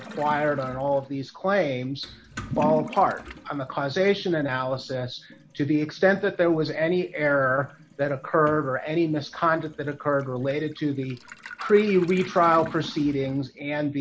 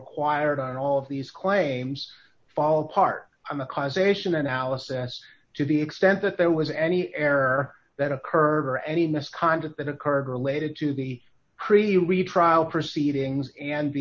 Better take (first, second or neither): second